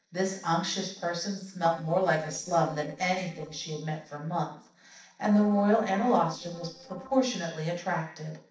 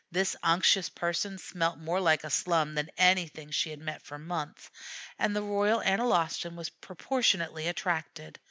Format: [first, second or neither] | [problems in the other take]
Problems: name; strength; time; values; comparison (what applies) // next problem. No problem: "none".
second | noise reduction (neural separator model SepFormer DNS4)